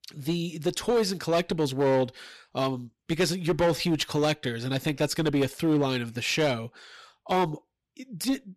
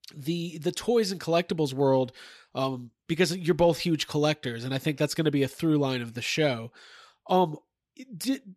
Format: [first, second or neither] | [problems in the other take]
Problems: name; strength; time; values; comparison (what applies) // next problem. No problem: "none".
second | distortion; slight; 8% of the sound clipped